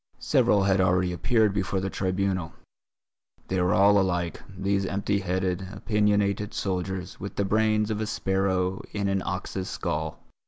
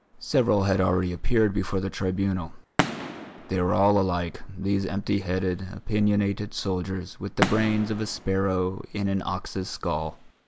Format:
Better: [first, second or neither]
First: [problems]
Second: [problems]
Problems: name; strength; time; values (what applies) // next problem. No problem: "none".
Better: first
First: none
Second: background sound (Fireworks); 12 dB below the speech